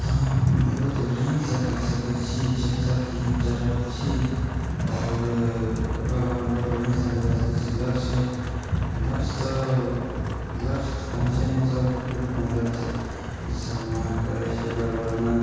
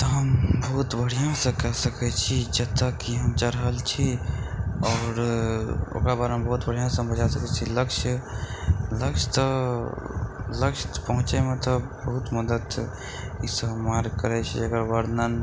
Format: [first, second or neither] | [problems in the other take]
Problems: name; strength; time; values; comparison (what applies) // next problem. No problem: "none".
second | background sound (Rain); 14 dB below the speech // room echo; dies away in 2 s